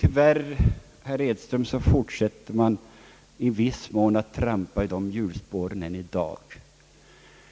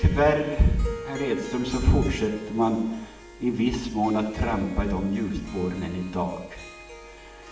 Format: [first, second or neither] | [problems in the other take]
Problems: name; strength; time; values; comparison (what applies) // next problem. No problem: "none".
first | background sound (Harp); 17 dB below the speech // room echo; dies away in 0.8 s